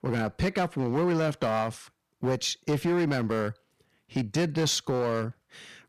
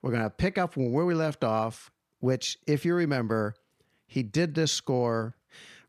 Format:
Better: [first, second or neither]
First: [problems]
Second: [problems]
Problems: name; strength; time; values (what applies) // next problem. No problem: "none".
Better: second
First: distortion; slight; 10% of the sound clipped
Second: none